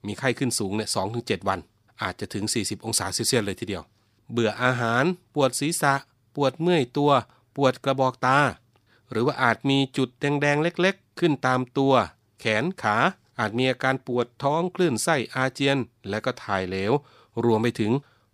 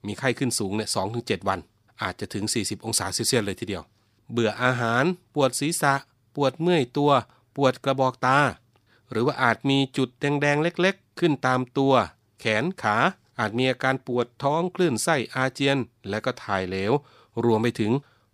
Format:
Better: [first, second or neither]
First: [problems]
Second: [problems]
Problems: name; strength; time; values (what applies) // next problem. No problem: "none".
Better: neither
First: none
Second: none